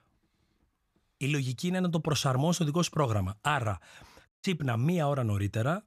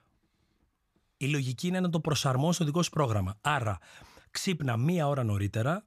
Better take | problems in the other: second | audio cutting out; at 4.5 s

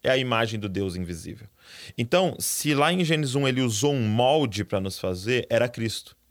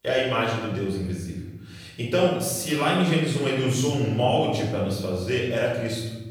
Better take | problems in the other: first | off-mic speech; far // room echo; noticeable; dies away in 1.1 s

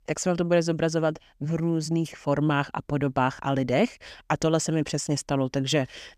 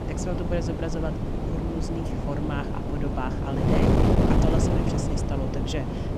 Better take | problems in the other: first | wind noise on the microphone; heavy; 4 dB above the speech

